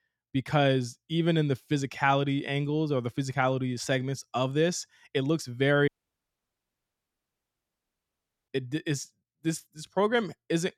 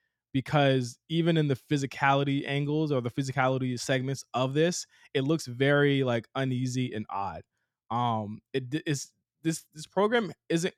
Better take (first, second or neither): second